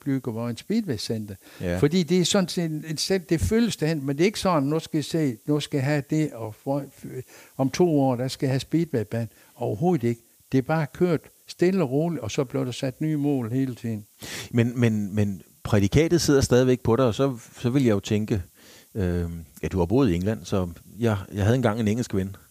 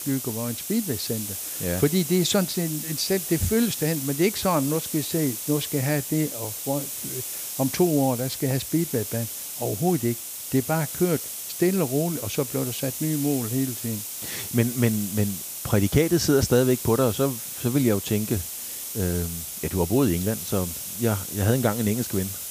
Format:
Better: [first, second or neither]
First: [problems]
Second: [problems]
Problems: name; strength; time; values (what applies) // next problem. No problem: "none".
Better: first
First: hiss; faint; throughout; 30 dB below the speech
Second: hiss; loud; throughout; 5 dB below the speech